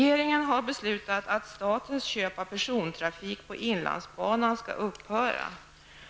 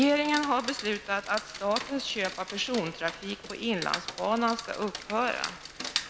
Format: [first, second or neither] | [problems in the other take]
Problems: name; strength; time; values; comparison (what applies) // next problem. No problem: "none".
first | background sound (Rain); 9 dB below the speech